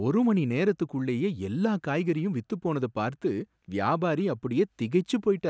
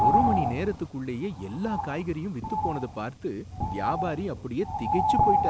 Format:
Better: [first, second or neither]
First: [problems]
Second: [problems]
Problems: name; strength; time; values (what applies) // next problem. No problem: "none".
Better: first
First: none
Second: background sound (Bird); 3 dB above the speech